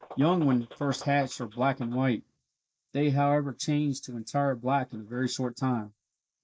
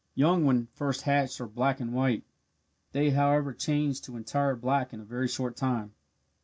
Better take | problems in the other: second | noise reduction (neural mask model Resemble Enhance denoiser)

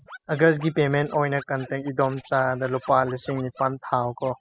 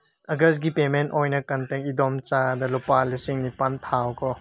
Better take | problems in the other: second | noise reduction (classical method spectral subtraction)

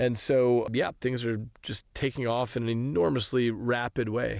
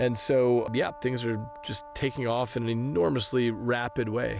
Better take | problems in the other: first | background sound (Brass instrument); 18 dB below the speech

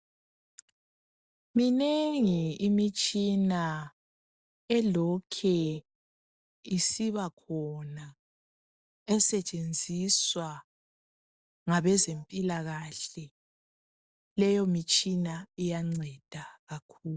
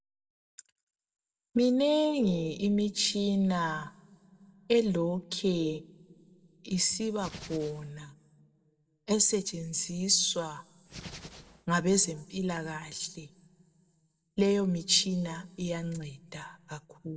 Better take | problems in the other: first | background sound (Hands); 15 dB below the speech // room echo; dies away in 0.7 s

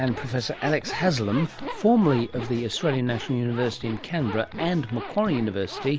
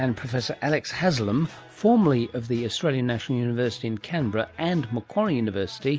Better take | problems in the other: second | background sound (Zipper (clothing)); 12 dB below the speech

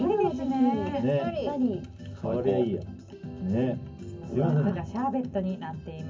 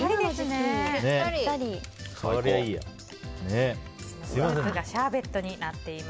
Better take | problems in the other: second | room echo; dies away in 0.3 s

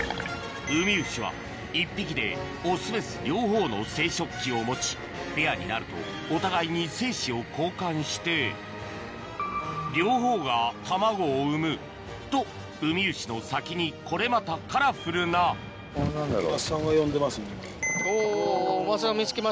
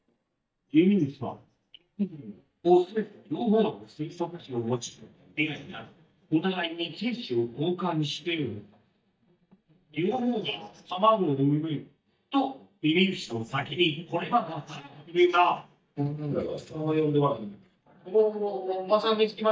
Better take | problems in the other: first | noise reduction (neural mask model DeepFilterNet 3)

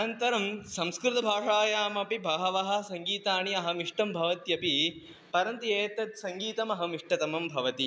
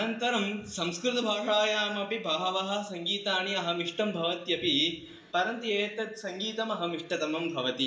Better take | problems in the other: first | room echo; dies away in 0.5 s

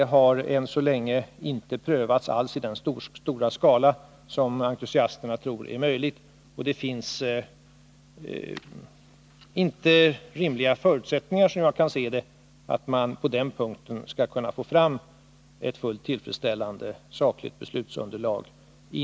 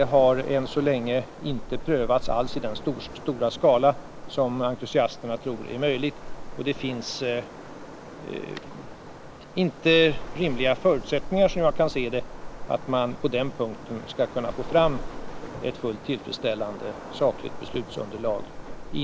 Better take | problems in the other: first | background sound (Waves, surf); 9 dB below the speech

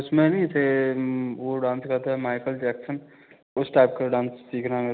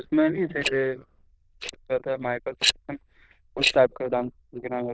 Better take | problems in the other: first | noise reduction (neural diffusion model UNIVERSE++)

